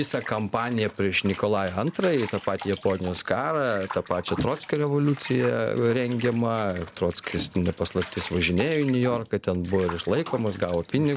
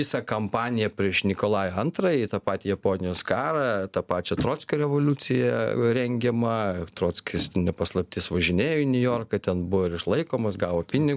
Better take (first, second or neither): second